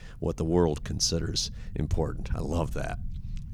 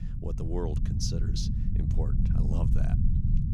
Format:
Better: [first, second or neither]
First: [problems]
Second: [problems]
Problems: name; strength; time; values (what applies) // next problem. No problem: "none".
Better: first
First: low rumble; faint; throughout; 25 dB below the speech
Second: low rumble; loud; throughout; 2 dB below the speech